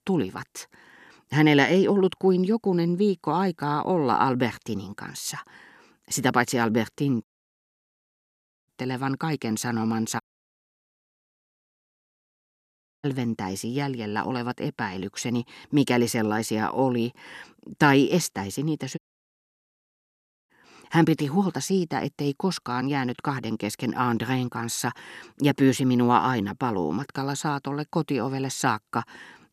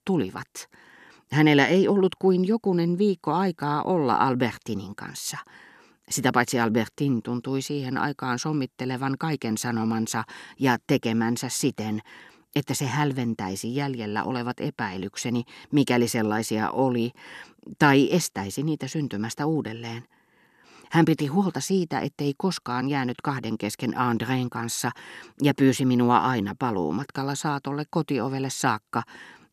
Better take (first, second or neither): second